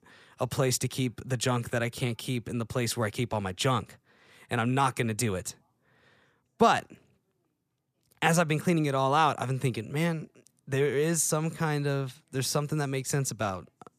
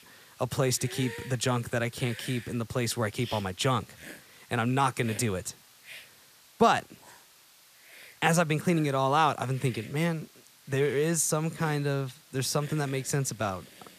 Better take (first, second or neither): first